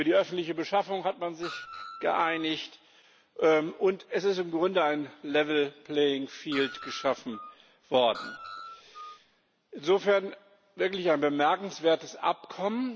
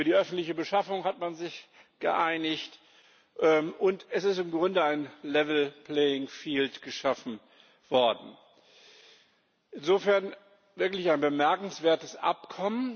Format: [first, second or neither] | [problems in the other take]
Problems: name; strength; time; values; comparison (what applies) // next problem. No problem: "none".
second | background sound (Screech); 15 dB below the speech